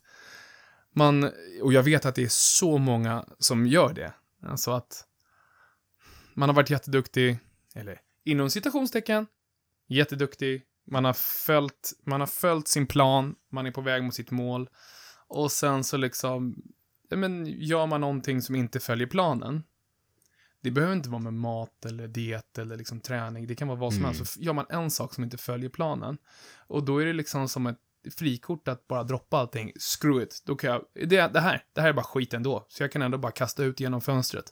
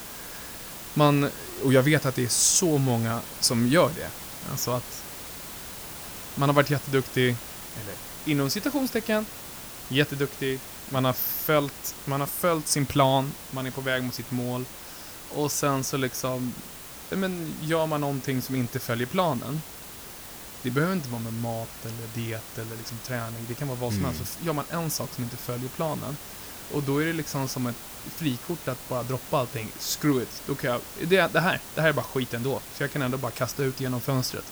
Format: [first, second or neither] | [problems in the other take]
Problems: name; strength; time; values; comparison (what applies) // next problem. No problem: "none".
first | hiss; noticeable; throughout; 10 dB below the speech